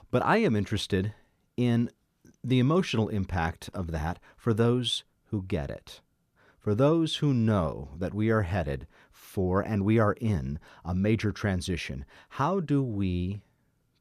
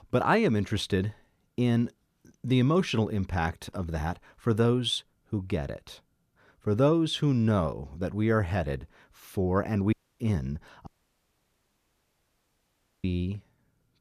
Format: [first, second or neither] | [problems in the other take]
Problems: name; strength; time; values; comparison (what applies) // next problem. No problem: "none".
first | audio cutting out; at 10 s and at 11 s for 2 s